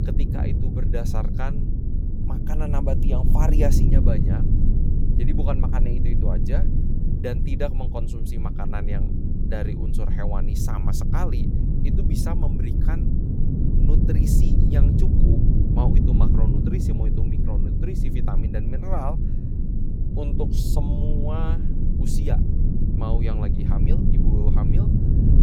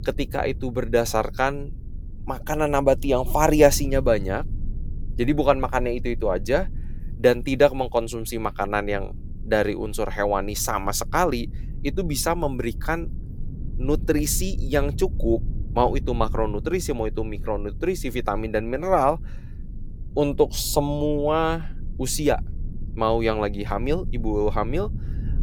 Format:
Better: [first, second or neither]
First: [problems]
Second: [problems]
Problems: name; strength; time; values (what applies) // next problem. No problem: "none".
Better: second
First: low rumble; loud; throughout; as loud as the speech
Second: low rumble; faint; throughout; 25 dB below the speech